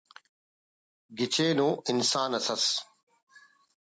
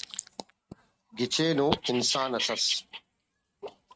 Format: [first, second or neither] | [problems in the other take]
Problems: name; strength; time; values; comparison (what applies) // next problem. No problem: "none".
first | noise reduction (neural mask model RNNoise)